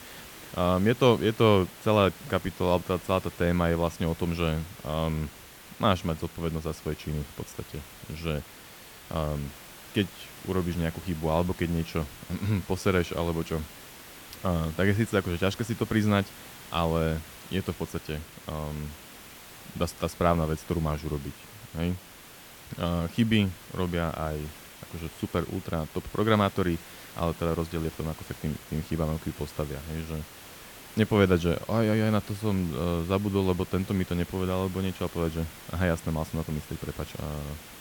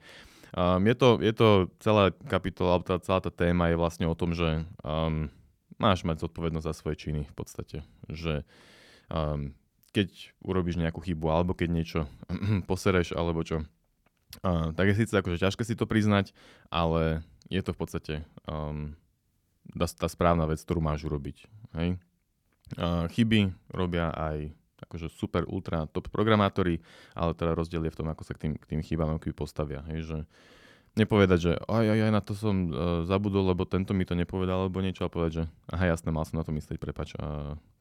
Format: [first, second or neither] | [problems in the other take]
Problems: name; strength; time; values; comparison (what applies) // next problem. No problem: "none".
second | hiss; noticeable; throughout; 15 dB below the speech